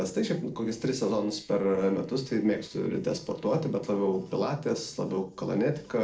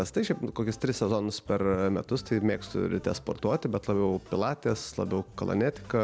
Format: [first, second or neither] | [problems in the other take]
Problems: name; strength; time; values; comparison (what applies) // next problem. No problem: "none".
second | noise reduction (neural separator model SepFormer DNS4)